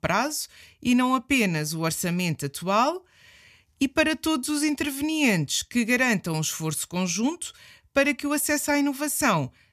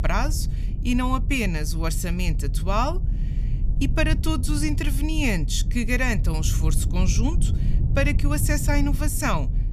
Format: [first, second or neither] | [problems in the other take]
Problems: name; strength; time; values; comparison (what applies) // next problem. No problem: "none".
first | low rumble; noticeable; throughout; 15 dB below the speech